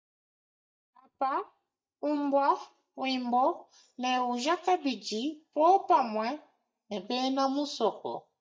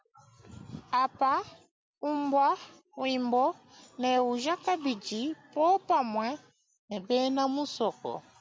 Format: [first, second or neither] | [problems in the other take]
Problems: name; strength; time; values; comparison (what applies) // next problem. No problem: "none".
second | noise reduction (neural mask model DeepFilterNet 3)